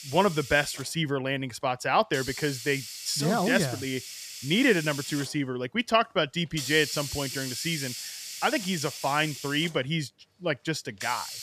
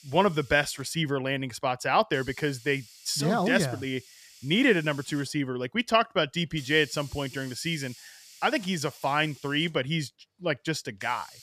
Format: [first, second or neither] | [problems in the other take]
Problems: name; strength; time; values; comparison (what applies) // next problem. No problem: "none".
second | hiss; loud; throughout; 9 dB below the speech; faint in the second